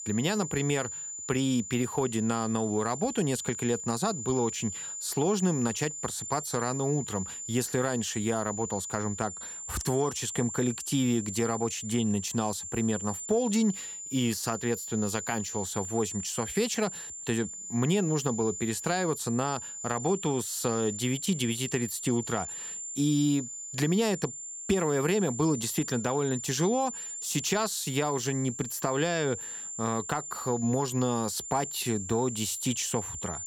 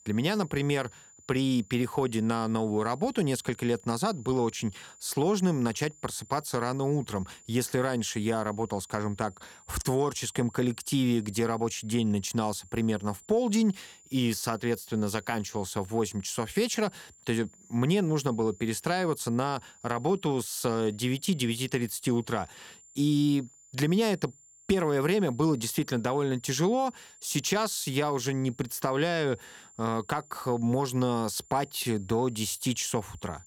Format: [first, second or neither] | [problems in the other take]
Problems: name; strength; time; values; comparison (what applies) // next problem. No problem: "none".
second | high-pitched whine; loud; throughout; 7 kHz, 7 dB below the speech; faint in the second